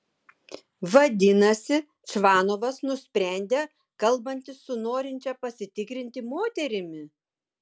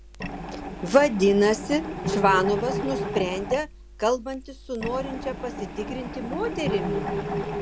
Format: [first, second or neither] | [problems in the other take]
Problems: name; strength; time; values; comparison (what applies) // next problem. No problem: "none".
first | background sound (Mechanisms); 5 dB below the speech